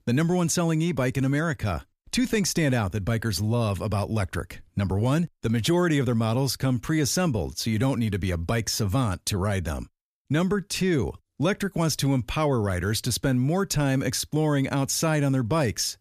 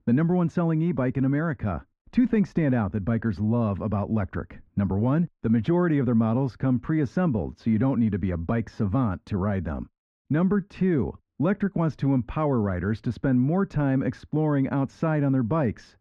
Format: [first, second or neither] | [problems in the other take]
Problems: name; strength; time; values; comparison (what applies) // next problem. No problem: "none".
first | muffled; very; fading above 1.5 kHz